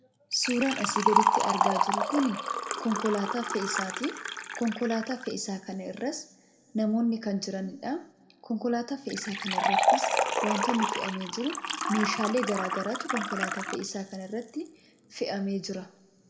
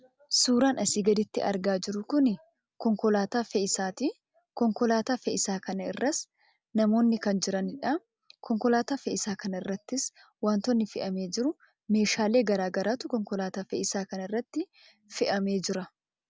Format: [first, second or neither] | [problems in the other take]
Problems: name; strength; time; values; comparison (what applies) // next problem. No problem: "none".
second | background sound (Liquid); as loud as the speech // room echo; dies away in 1.7 s